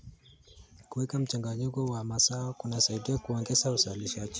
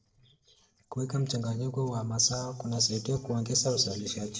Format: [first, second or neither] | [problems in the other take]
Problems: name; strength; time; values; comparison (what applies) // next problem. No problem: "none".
first | noise reduction (neural separator model SepFormer DNS4)